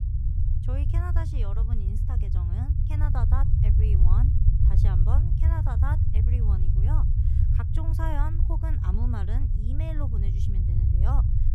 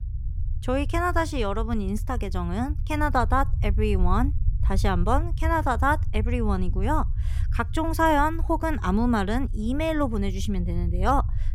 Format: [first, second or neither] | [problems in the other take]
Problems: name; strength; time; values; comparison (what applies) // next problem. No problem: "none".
second | low rumble; loud; throughout; as loud as the speech; faint in the second